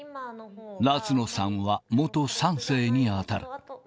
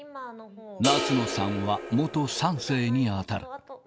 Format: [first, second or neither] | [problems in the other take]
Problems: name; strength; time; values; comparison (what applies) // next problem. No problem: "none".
first | background sound (Crash cymbal); 5 dB below the speech